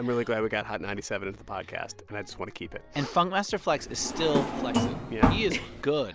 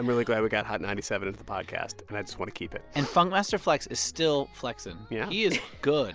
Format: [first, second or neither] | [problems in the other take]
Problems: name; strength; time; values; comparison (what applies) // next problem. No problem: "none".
second | background sound (Drawer open or close); 2 dB above the speech